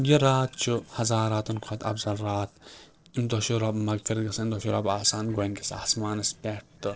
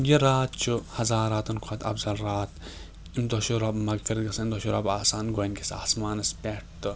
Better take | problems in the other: second | noise reduction (neural separator model SepFormer DNS4)

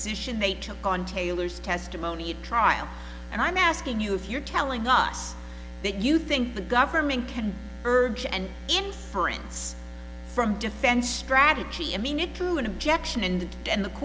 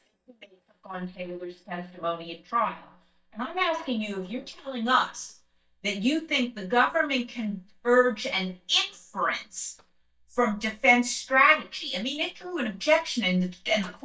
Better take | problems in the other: first | noise reduction (neural mask model DeepFilterNet 3)

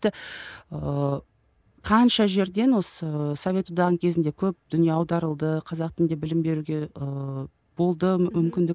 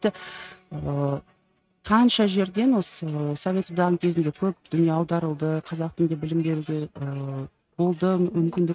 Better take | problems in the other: first | noise reduction (neural mask model RNNoise)

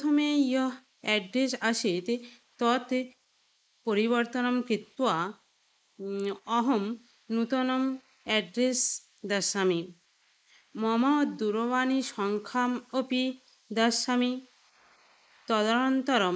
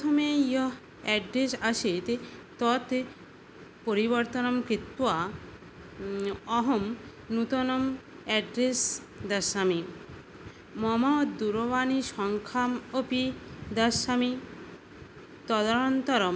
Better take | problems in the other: second | noise reduction (neural mask model Resemble Enhance denoiser)

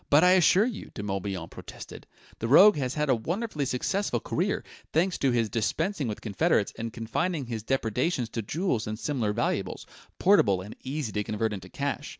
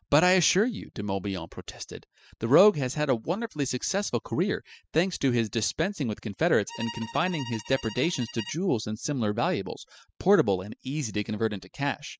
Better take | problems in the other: first | noise reduction (classical method spectral subtraction)

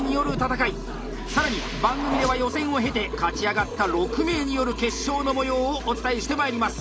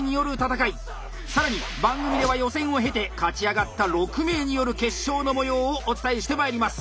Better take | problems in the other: second | background sound (Liquid); 9 dB below the speech

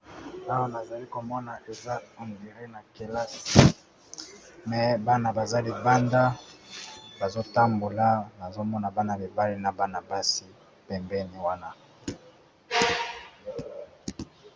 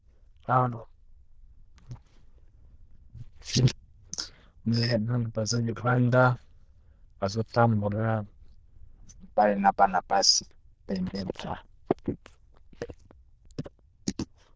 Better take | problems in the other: first | noise reduction (neural diffusion model UNIVERSE++)

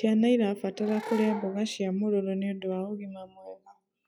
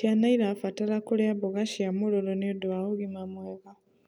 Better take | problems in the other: second | noise reduction (classical method log-MMSE)

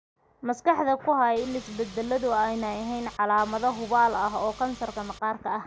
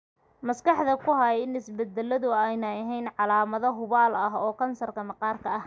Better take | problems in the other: second | background sound (Engine / Car); 18 dB below the speech

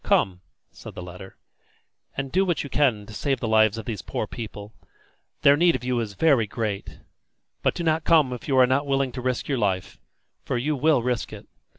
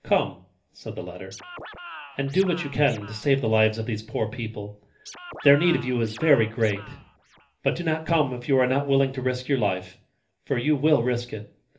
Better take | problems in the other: first | background sound (Scratching (performance technique)); 17 dB below the speech // room echo; dies away in 0.3 s

